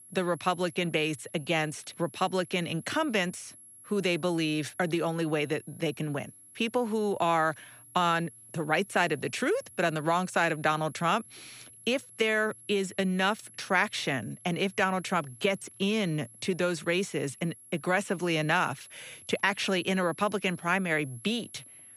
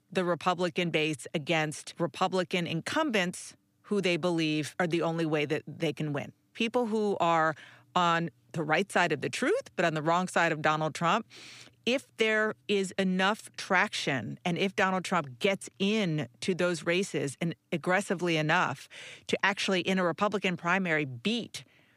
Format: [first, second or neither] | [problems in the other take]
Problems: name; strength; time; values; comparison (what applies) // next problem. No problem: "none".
second | high-pitched whine; noticeable; throughout; 11 kHz, 20 dB below the speech